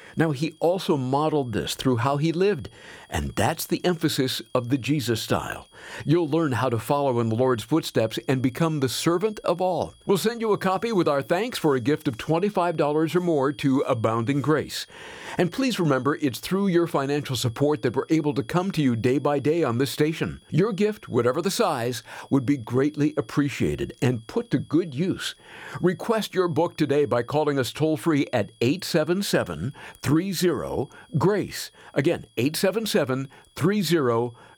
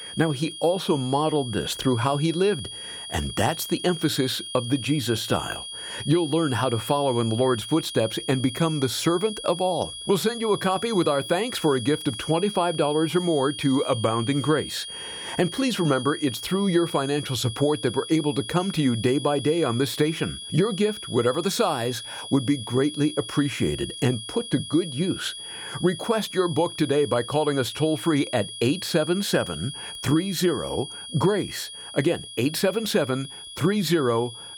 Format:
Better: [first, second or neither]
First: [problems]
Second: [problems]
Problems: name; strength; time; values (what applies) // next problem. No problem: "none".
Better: first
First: high-pitched whine; faint; throughout; 3.5 kHz, 30 dB below the speech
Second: high-pitched whine; loud; throughout; 3.5 kHz, 10 dB below the speech